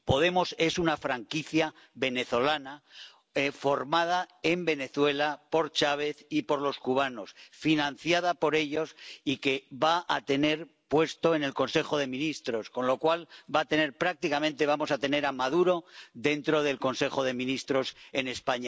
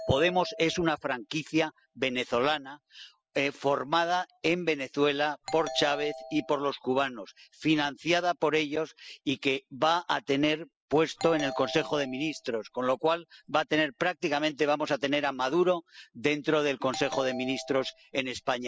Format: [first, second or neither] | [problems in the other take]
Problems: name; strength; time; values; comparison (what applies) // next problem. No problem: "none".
first | noise reduction (classical method spectral subtraction)